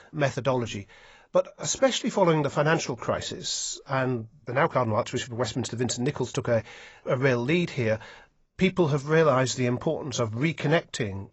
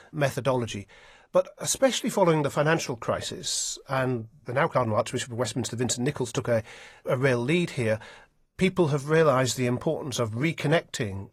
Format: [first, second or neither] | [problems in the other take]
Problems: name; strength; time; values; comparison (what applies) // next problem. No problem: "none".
second | garbled, watery; badly; nothing above 7.5 kHz; slightly in the second